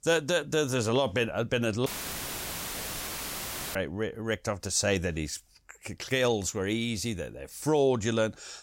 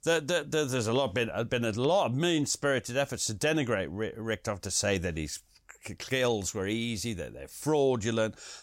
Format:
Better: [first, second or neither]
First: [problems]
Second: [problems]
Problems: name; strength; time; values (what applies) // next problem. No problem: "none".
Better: second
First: audio cutting out; filled with static; at 2 s for 2 s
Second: none